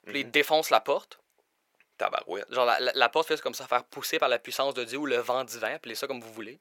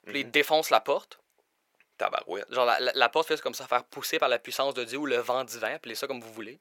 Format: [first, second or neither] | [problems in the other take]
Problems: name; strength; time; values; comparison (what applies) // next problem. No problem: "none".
neither | thin; very; fading below 550 Hz; the same in both